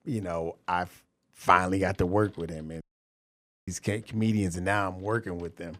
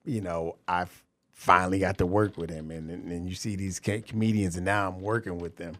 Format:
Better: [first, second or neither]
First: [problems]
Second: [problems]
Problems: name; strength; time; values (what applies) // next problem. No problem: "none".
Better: second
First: audio cutting out; at 3 s for 1 s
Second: none